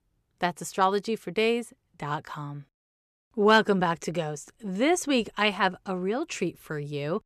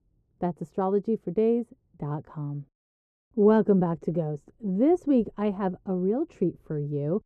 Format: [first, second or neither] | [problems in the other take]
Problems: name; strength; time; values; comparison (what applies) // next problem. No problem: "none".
first | muffled; very; fading above 1 kHz